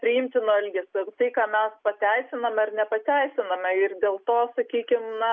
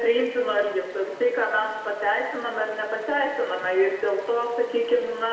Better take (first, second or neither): first